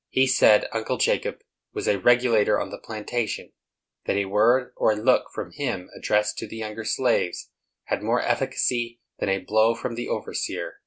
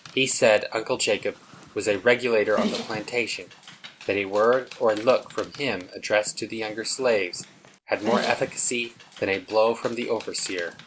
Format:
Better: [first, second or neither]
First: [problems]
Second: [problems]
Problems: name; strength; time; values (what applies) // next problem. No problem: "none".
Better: first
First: none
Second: background sound (Dog); 13 dB below the speech